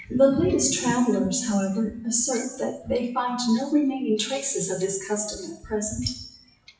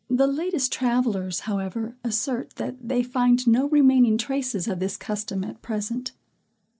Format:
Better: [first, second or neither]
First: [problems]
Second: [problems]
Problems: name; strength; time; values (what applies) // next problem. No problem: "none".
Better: second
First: noise reduction (classical method WPE with log-MMSE)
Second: none